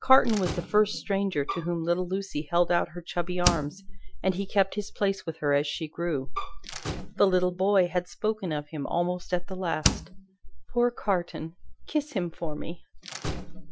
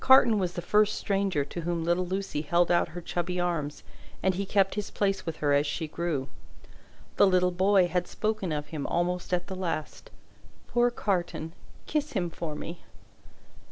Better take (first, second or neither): second